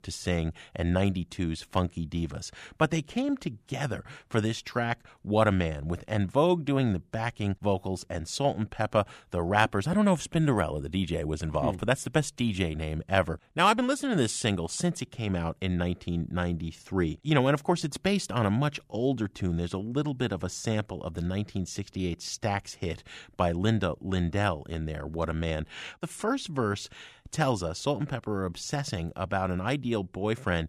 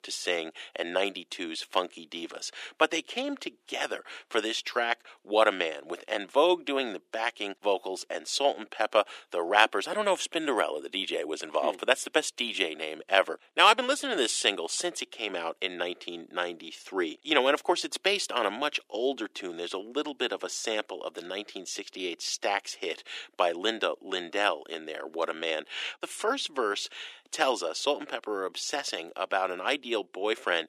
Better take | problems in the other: first | thin; very; fading below 350 Hz

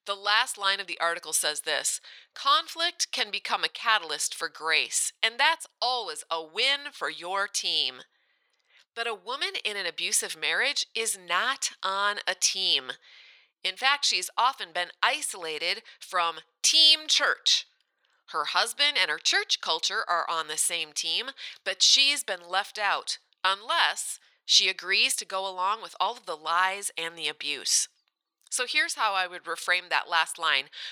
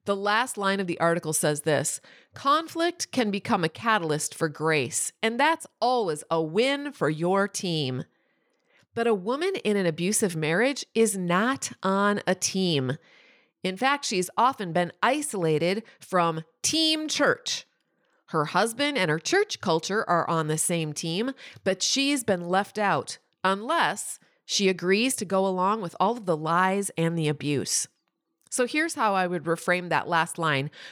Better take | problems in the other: second | thin; very; fading below 900 Hz

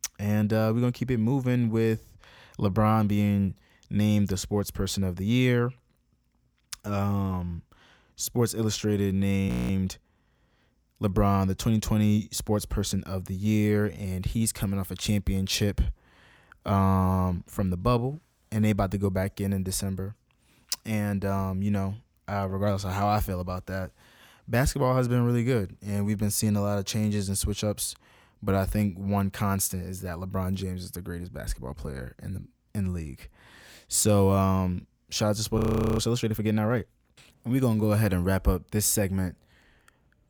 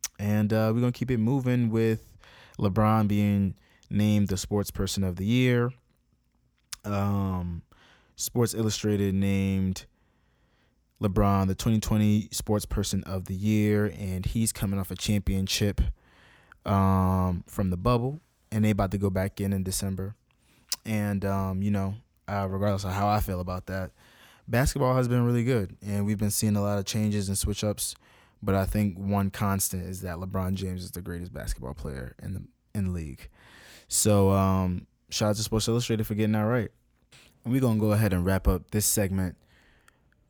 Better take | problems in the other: second | audio freezing; at 9.5 s and at 36 s

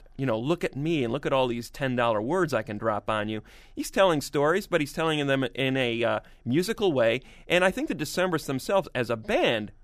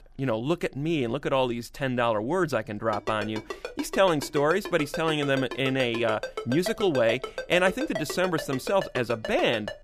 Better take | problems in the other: first | phone ringing; noticeable; from 3 s on; peak 7 dB below the speech

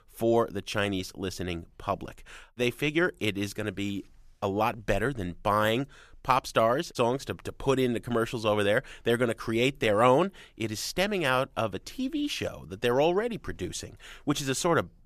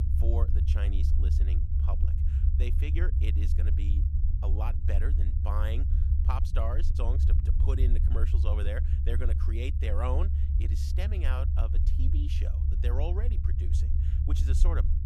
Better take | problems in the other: first | low rumble; loud; throughout; 4 dB below the speech

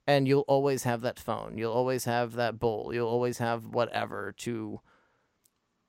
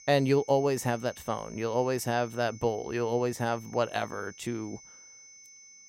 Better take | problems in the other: first | high-pitched whine; noticeable; throughout; 6 kHz, 20 dB below the speech

